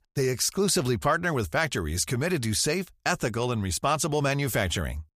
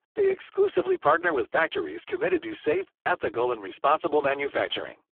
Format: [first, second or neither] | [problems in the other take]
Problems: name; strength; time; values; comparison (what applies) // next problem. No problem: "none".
first | phone-call audio; poor line; nothing above 3 kHz